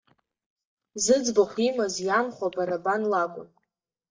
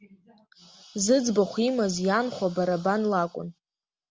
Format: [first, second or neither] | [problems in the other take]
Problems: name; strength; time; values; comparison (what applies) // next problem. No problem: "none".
second | noise reduction (neural mask model DeepFilterNet 3)